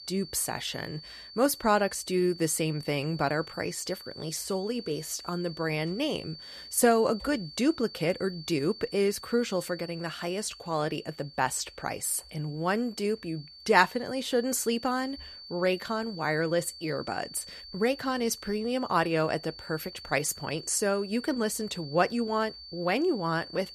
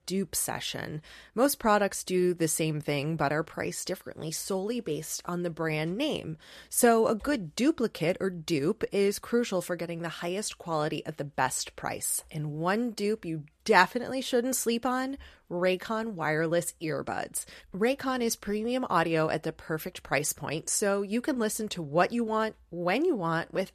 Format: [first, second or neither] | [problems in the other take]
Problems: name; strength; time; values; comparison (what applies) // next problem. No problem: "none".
second | high-pitched whine; noticeable; throughout; 4.5 kHz, 15 dB below the speech